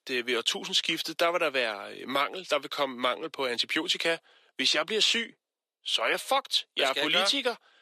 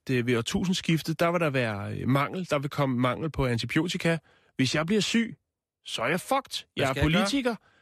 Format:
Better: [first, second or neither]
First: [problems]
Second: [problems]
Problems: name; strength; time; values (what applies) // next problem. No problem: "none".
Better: second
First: thin; somewhat; fading below 400 Hz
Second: none